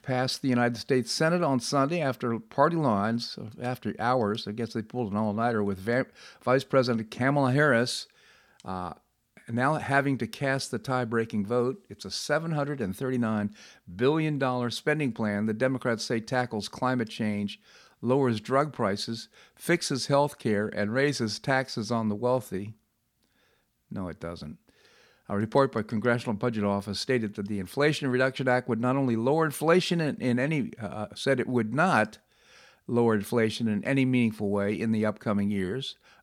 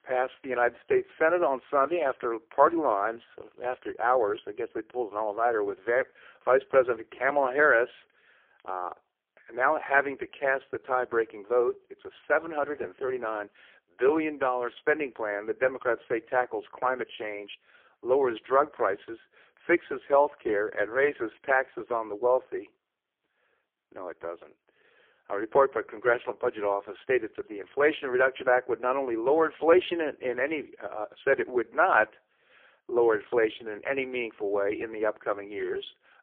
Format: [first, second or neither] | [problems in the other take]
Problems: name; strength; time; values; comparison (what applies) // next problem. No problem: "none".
first | phone-call audio; poor line; nothing above 3.5 kHz